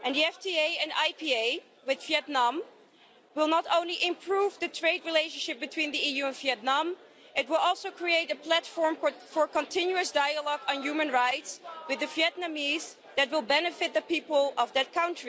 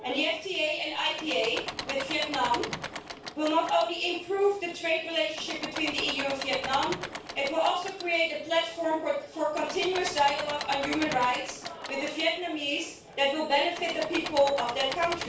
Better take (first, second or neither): first